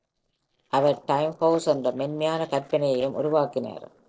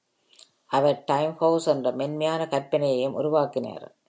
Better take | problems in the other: second | noise reduction (neural separator model SepFormer DNS4)

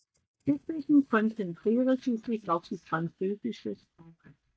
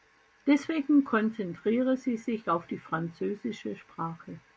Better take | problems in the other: second | noise reduction (neural mask model DeepFilterNet 3)

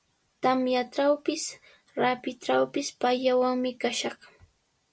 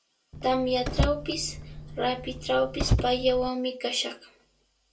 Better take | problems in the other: first | background sound (Car); 2 dB below the speech // room echo; dies away in 0.2 s

